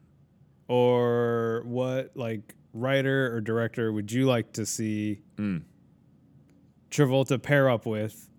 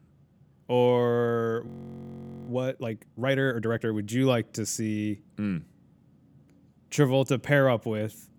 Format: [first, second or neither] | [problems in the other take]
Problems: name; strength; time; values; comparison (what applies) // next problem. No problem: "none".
first | audio freezing; at 1.5 s for 1 s